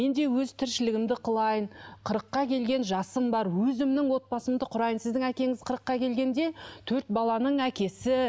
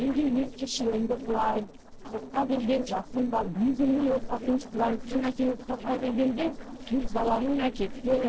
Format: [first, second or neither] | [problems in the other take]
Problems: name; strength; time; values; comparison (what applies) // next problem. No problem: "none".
first | noise reduction (neural separator model SepFormer DNS4)